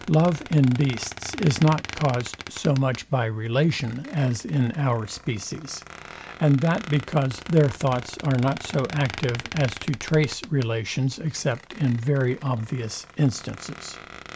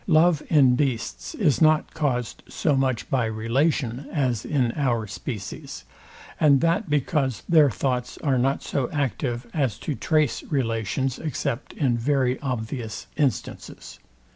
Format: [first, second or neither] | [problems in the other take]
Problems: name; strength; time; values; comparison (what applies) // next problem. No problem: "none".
second | background sound (Squeak); 16 dB below the speech